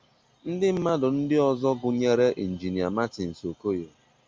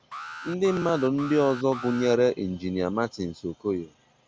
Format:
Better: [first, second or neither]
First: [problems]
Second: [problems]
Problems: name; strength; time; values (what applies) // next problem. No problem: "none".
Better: first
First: none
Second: background sound (Alarm); 15 dB below the speech